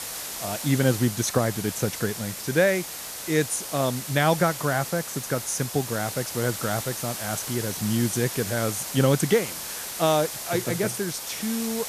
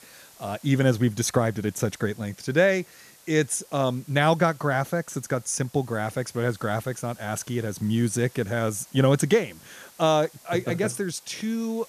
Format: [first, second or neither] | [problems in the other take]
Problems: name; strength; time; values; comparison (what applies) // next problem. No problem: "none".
second | hiss; loud; throughout; 6 dB below the speech; faint in the second